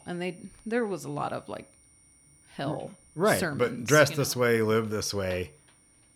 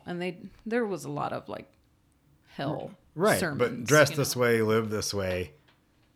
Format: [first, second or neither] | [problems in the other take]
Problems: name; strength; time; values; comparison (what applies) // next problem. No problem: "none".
second | high-pitched whine; faint; throughout; 9 kHz, 30 dB below the speech